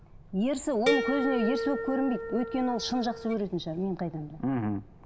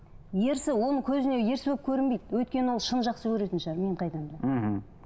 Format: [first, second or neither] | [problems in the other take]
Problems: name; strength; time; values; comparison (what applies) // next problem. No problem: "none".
second | background sound (Harp); 3 dB below the speech